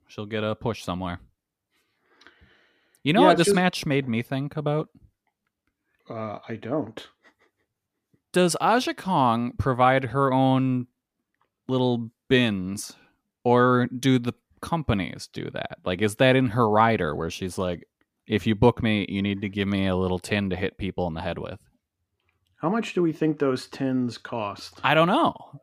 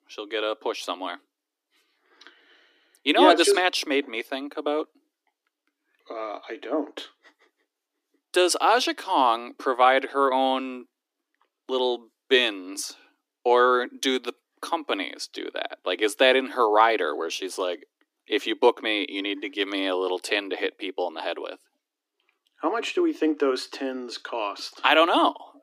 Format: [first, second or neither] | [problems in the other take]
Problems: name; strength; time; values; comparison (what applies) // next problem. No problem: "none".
first | thin; somewhat; fading below 300 Hz